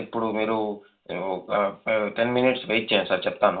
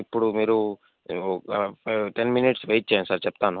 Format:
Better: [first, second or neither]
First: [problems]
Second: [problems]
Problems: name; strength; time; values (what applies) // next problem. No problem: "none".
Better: second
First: room echo; dies away in 0.3 s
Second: none